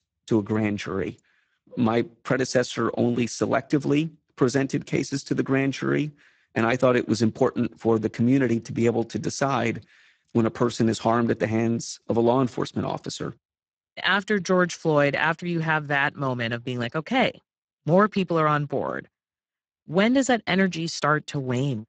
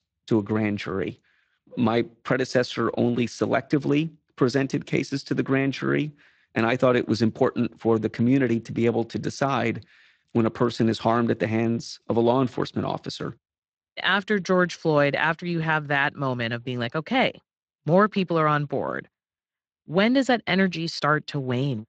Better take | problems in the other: second | garbled, watery; badly; nothing above 7.5 kHz; slightly in the second

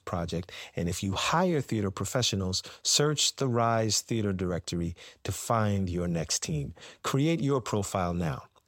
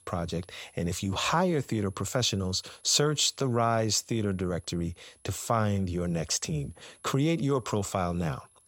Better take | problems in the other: first | high-pitched whine; faint; throughout; 10.5 kHz, 30 dB below the speech

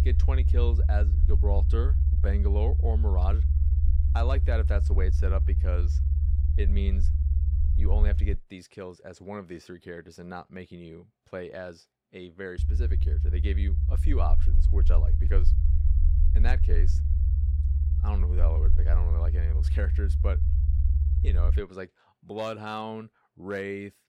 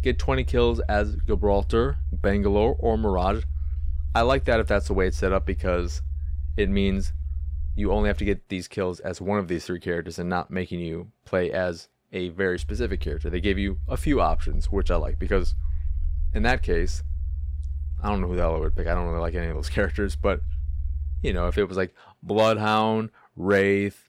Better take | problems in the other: second | low rumble; loud; until 8.5 s and from 13 to 22 s; 6 dB below the speech; faint in the second

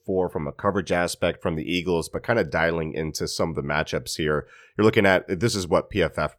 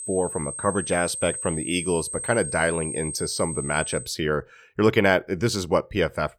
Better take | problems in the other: first | high-pitched whine; loud; until 4 s; 8.5 kHz, 6 dB below the speech

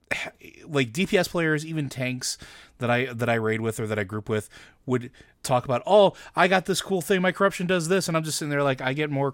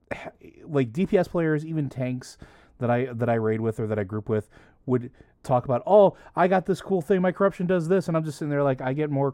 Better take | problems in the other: first | muffled; very; fading above 1.5 kHz

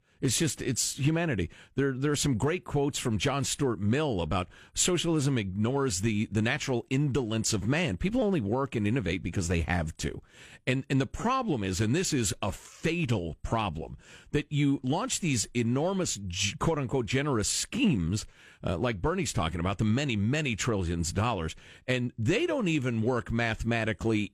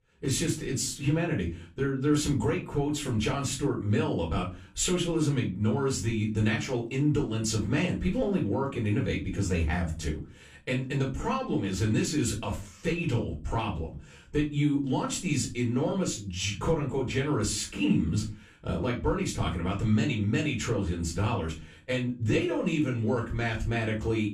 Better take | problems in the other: first | off-mic speech; far // room echo; very slight; dies away in 0.3 s

